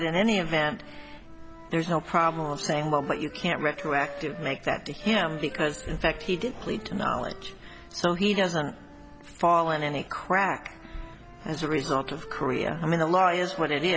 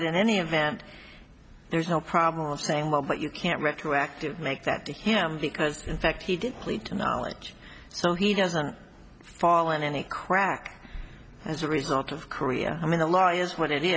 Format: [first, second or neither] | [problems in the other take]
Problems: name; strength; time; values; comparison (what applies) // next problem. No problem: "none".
second | background sound (Meow / Purr + Wind instrument, woodwind instrument); 16 dB below the speech